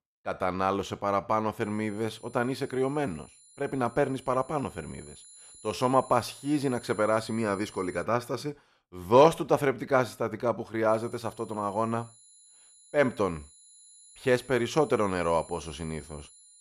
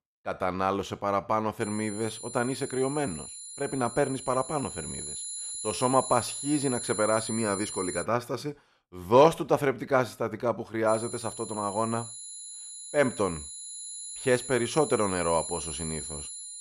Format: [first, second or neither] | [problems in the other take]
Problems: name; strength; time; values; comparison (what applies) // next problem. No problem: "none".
first | high-pitched whine; loud; from 1.5 to 8 s and from 11 s on; 10.5 kHz, 8 dB below the speech; faint in the first